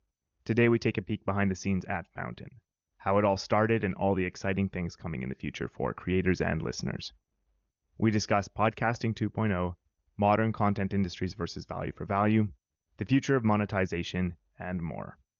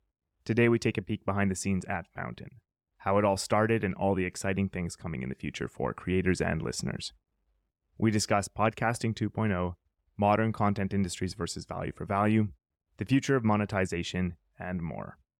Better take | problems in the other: second | garbled, watery; slightly; nothing above 6.5 kHz

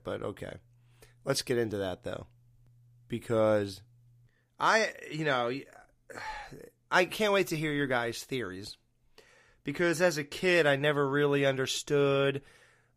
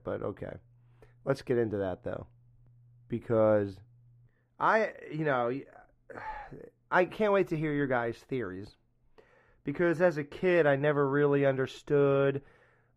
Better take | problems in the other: first | muffled; very; fading above 2.5 kHz

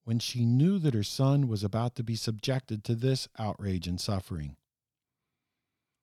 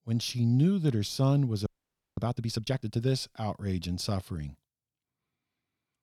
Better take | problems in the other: first | audio freezing; at 1.5 s for 0.5 s

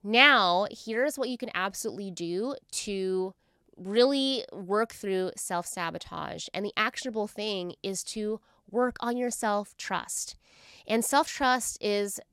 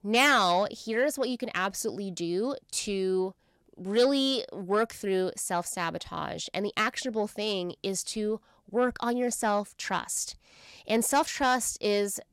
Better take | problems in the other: first | distortion; slight; 10 dB below the speech

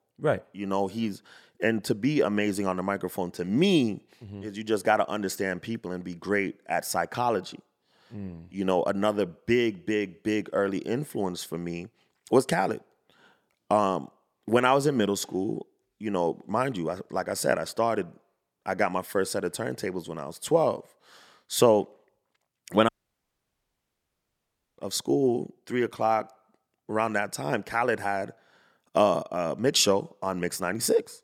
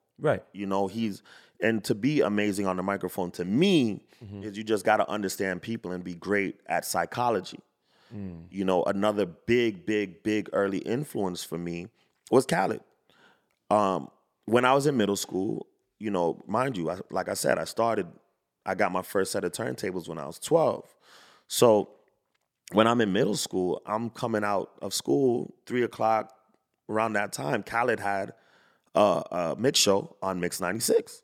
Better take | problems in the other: second | audio cutting out; at 23 s for 2 s

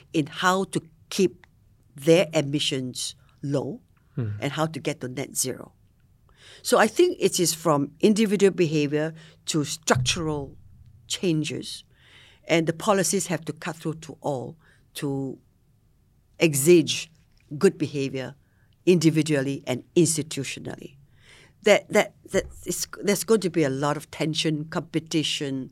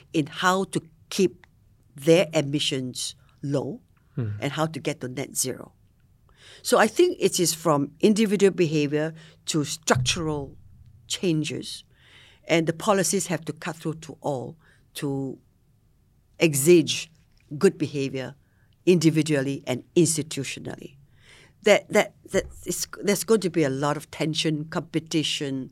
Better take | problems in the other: neither | none

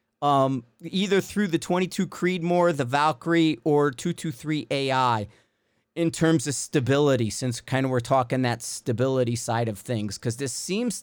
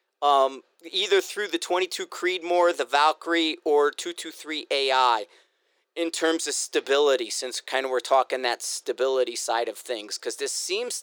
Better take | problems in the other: first | thin; very; fading below 350 Hz

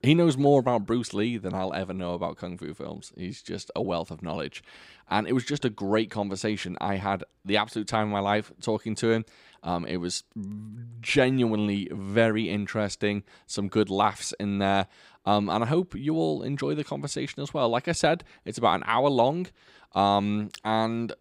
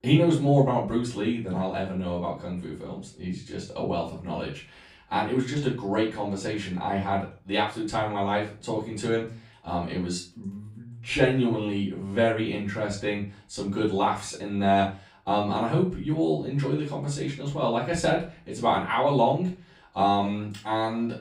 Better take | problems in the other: first | off-mic speech; far // room echo; slight; dies away in 0.3 s

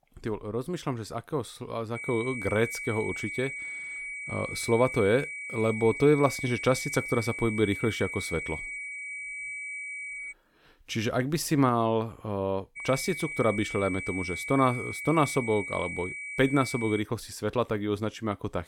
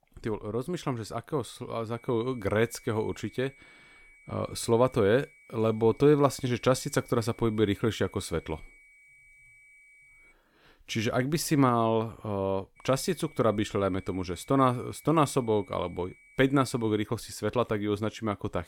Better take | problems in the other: second | high-pitched whine; loud; from 2 to 10 s and from 13 to 17 s; 2.5 kHz, 6 dB below the speech; faint in the second

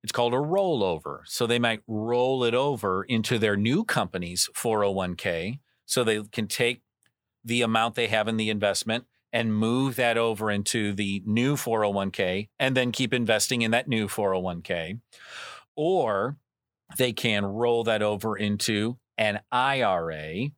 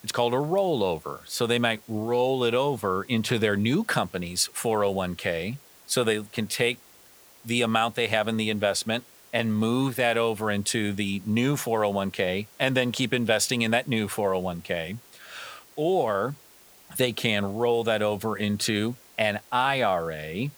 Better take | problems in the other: first | hiss; faint; throughout; 25 dB below the speech

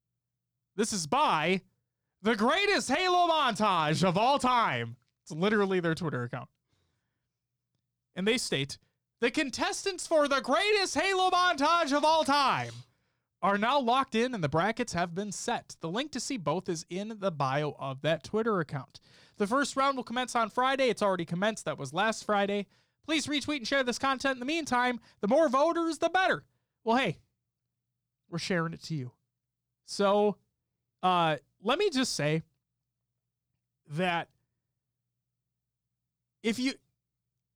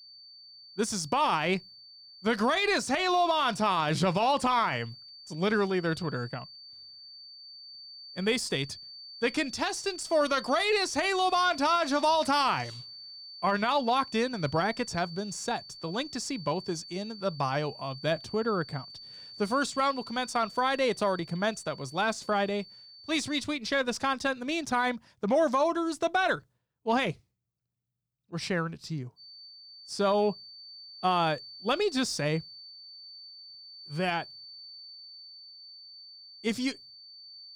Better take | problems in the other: first | high-pitched whine; noticeable; until 23 s and from 29 s on; 4.5 kHz, 15 dB below the speech

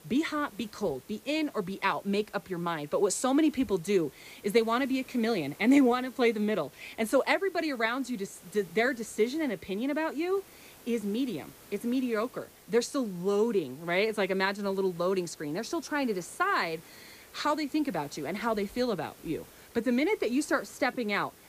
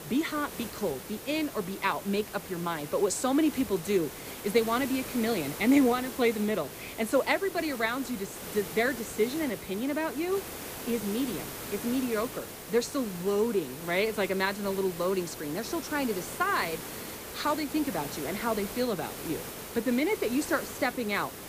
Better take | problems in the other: first | hiss; loud; throughout; 9 dB below the speech; faint in the first

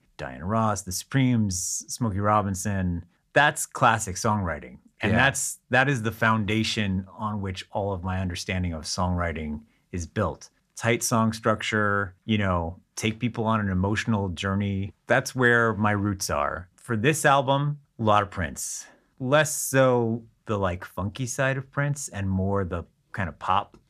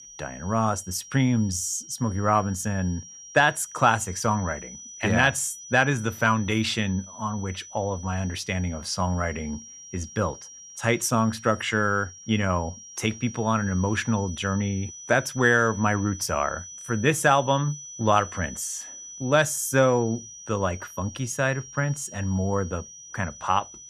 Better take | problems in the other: first | high-pitched whine; noticeable; throughout; 6 kHz, 15 dB below the speech

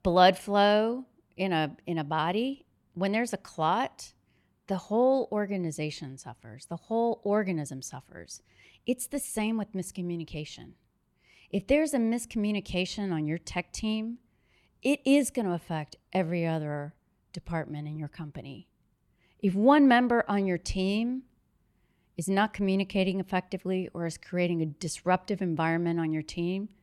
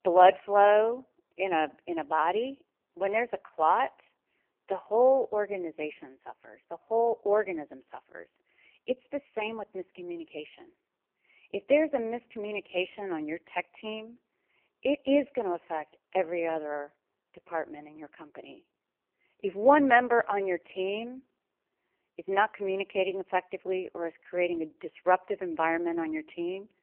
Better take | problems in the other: first | phone-call audio; poor line; nothing above 3 kHz

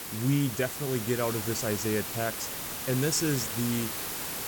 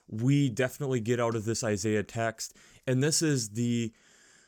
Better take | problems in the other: second | hiss; loud; throughout; 3 dB below the speech

